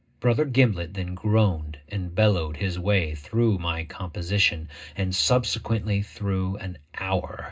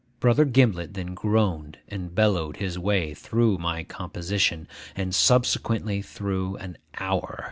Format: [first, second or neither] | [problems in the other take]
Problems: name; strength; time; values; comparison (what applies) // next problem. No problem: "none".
second | room echo; dies away in 0.2 s